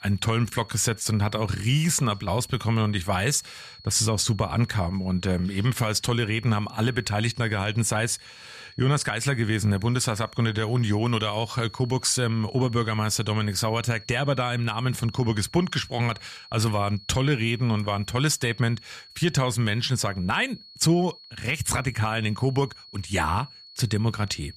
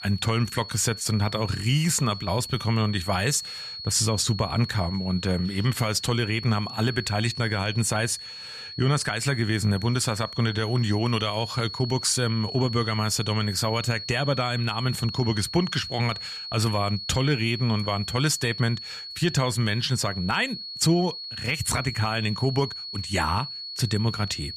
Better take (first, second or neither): first